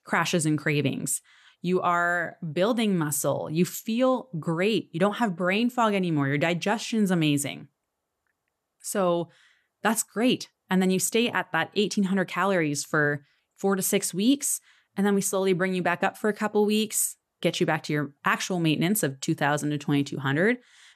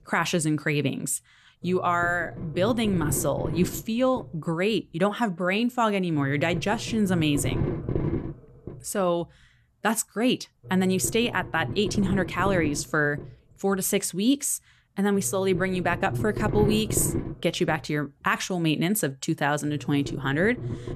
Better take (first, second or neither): first